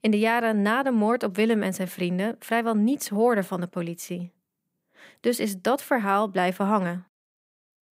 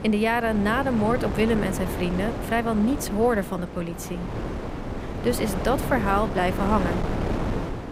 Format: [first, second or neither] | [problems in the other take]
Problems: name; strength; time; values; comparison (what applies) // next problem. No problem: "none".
first | wind noise on the microphone; heavy; 7 dB below the speech